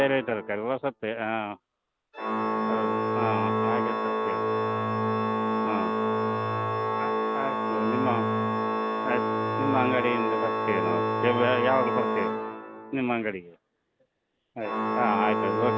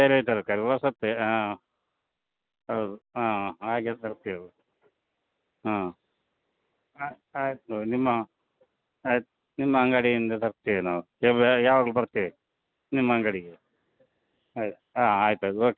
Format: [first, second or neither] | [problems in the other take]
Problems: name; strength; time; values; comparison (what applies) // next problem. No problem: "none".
second | background sound (Organ); 3 dB above the speech